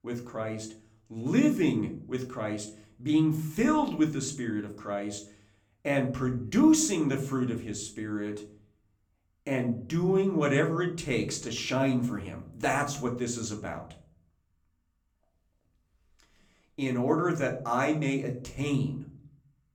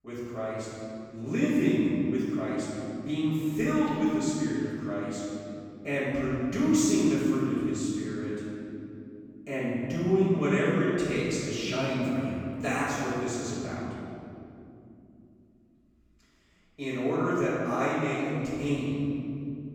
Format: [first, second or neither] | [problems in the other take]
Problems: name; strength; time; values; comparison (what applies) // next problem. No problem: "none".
first | room echo; strong; dies away in 2.7 s; slight in the first // off-mic speech; far; somewhat distant in the first